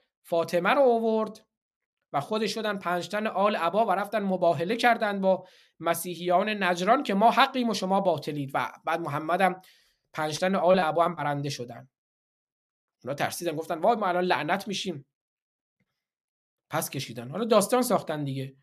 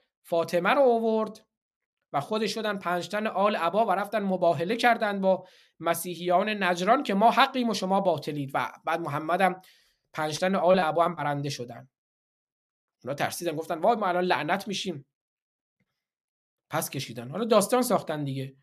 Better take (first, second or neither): neither